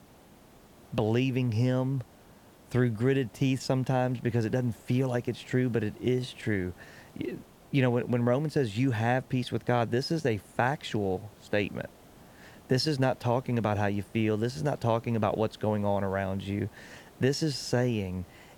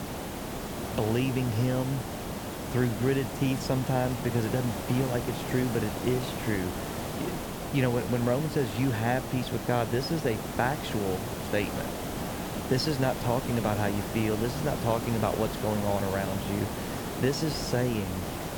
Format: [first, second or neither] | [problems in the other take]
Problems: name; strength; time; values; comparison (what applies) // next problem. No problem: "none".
first | hiss; loud; throughout; 5 dB below the speech; faint in the first